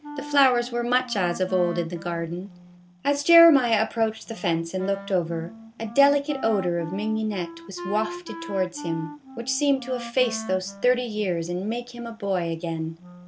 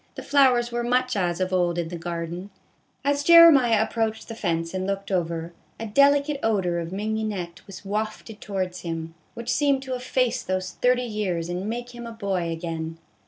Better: second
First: background sound (Wind instrument, woodwind instrument); 15 dB below the speech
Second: none

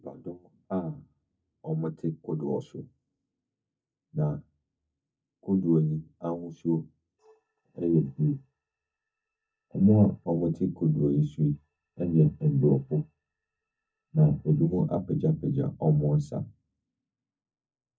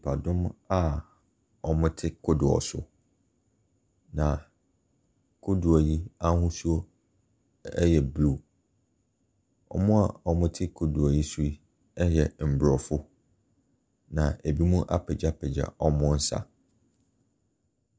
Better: second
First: noise reduction (neural mask model DeepFilterNet 3)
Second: none

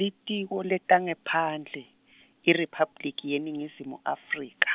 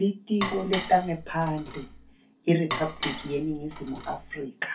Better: first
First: none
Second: background sound (Dishes, pots, and pans); 8 dB below the speech // room echo; dies away in 0.3 s

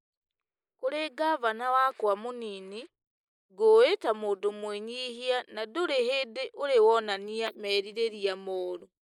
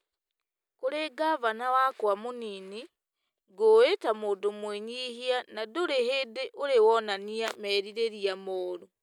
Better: second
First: noise reduction (neural mask model Resemble Enhance denoiser)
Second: none

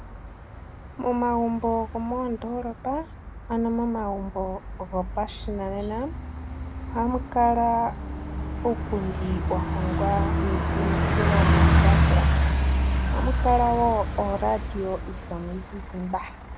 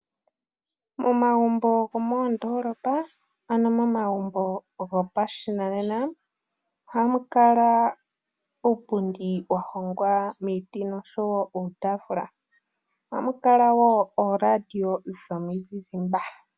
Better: second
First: background sound (Bus); 2 dB above the speech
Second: none

